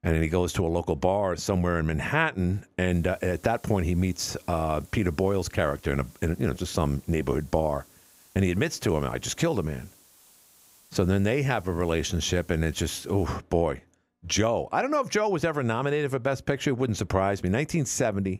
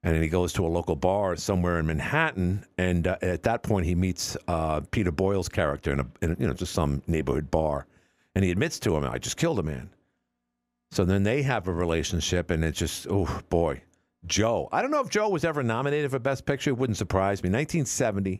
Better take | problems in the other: second | hiss; faint; from 3 to 13 s; 25 dB below the speech

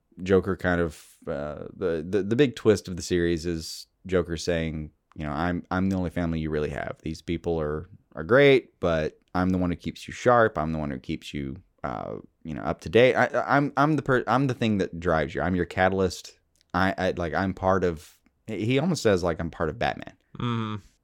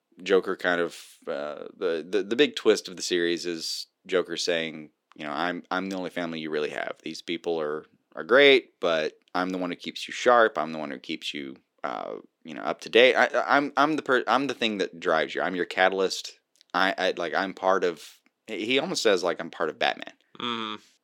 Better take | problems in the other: first | thin; somewhat; fading below 300 Hz

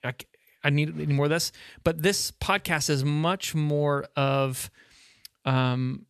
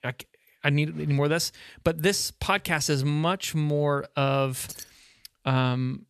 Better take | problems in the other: first | jangling keys; faint; at 4.5 s; peak 15 dB below the speech

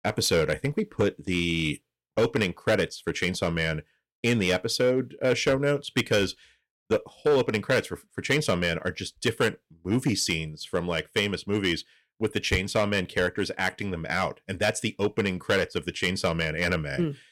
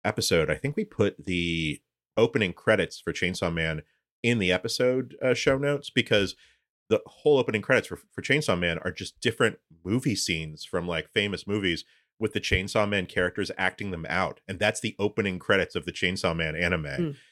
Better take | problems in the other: second | distortion; slight; 4% of the sound clipped

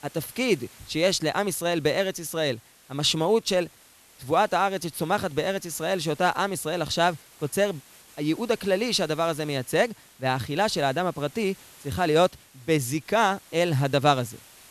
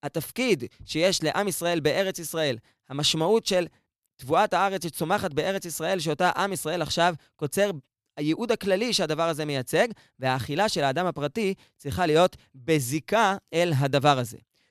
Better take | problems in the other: second | hiss; faint; throughout; 25 dB below the speech

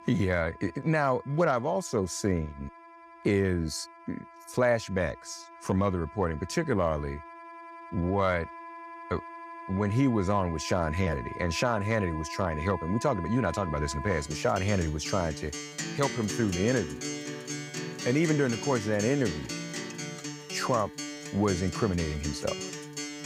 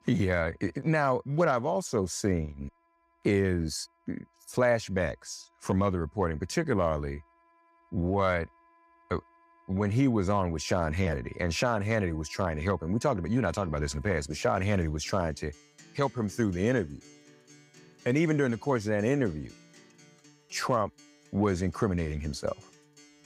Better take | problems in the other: second | background music; loud; throughout; 9 dB below the speech; faint in the second

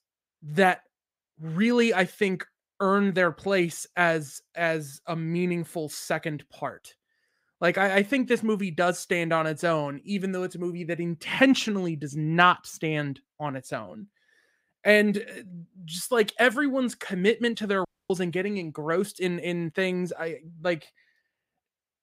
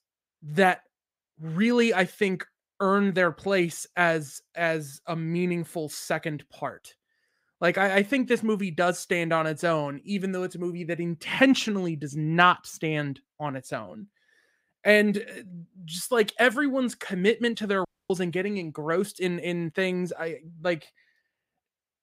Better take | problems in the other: neither | audio cutting out; at 18 s; the same in both

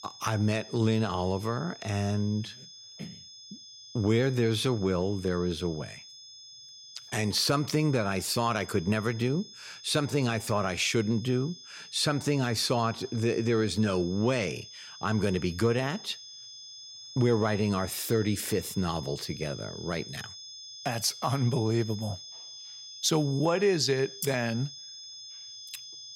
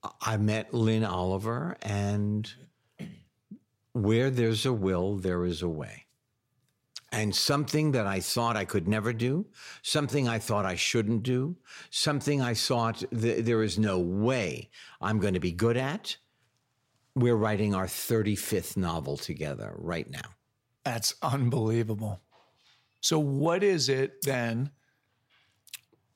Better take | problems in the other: second | high-pitched whine; noticeable; throughout; 5 kHz, 15 dB below the speech

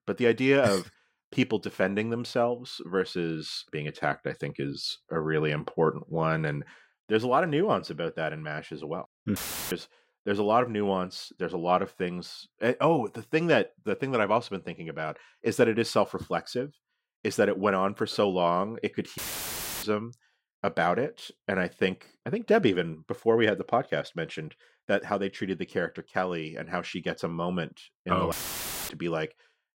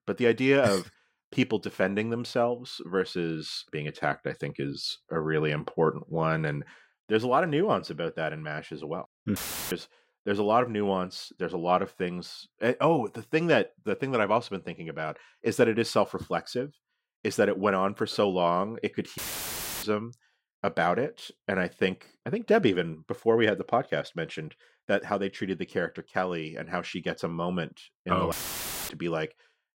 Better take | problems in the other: neither | audio cutting out; filled with static; at 9.5 s, at 19 s for 0.5 s and at 28 s for 0.5 s; the same in both

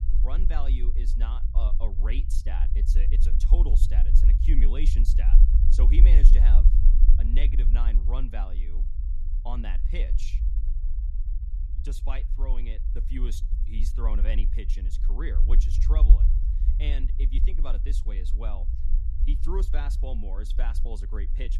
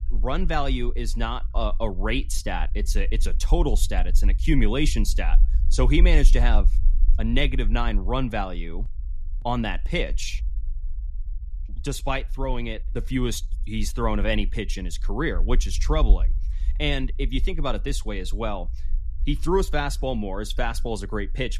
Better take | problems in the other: second | low rumble; loud; throughout; 6 dB below the speech; faint in the second

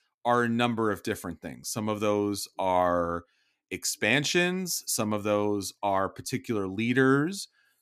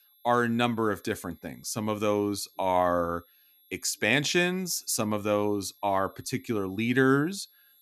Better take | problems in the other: first | high-pitched whine; faint; throughout; 11.5 kHz, 30 dB below the speech

